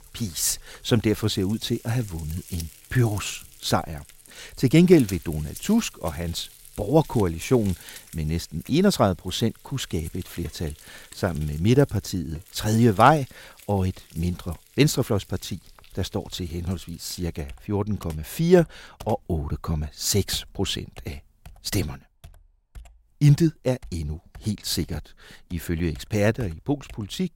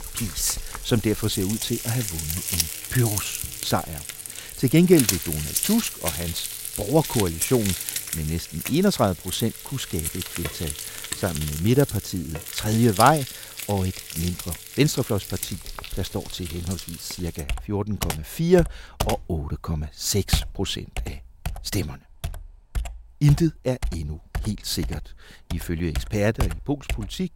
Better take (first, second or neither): first